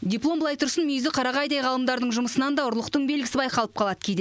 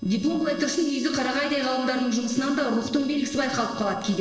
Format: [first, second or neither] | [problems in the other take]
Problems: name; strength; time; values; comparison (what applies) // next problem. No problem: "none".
first | noise reduction (neural separator model SepFormer DNS4)